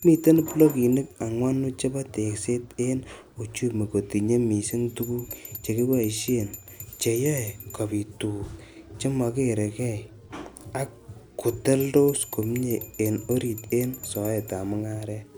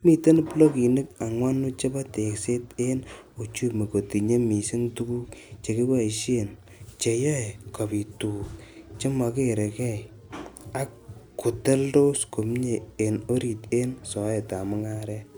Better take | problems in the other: second | background sound (Bell); 20 dB below the speech

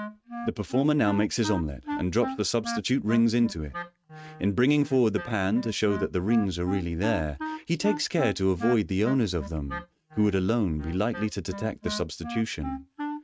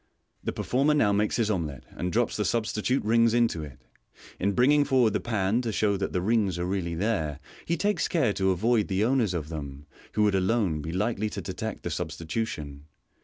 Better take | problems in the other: second | noise reduction (neural mask model RNNoise)

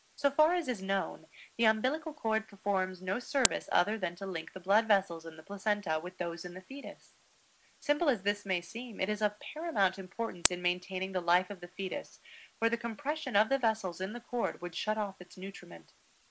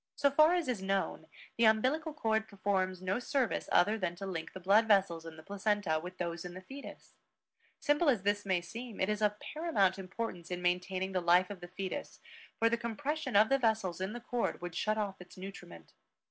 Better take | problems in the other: second | background sound (Camera); 12 dB below the speech

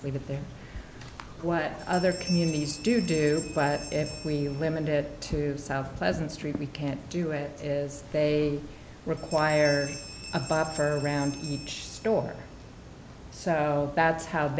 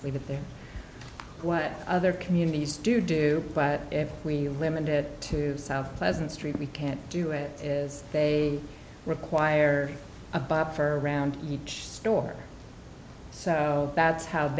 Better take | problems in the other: second | background sound (Bell); 16 dB below the speech

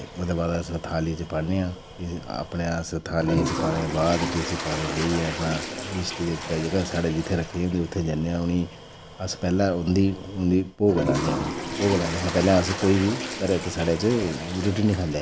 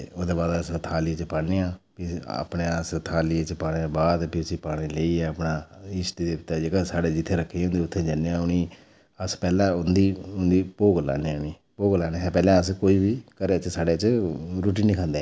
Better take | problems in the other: second | background sound (Toilet flush); 7 dB below the speech

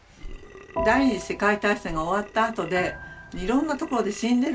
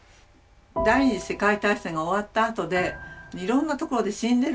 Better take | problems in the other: second | background sound (Burping, eructation); 17 dB below the speech

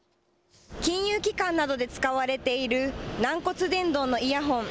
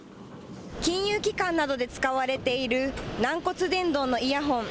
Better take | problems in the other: first | background sound (Sliding door); 18 dB below the speech

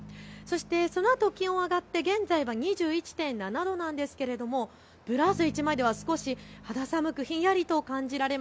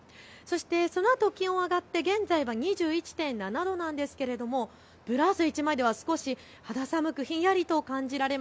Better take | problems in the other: second | background sound (Bass guitar); 20 dB below the speech

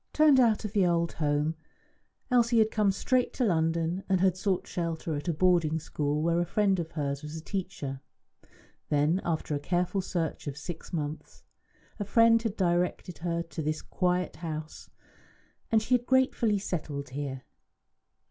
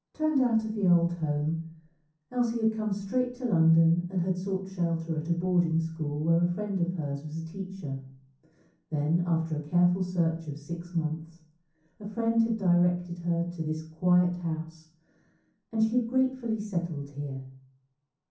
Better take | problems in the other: first | room echo; dies away in 0.6 s

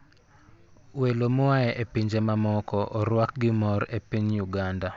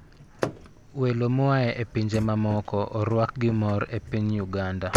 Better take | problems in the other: first | background sound (Slam / Car); 10 dB below the speech

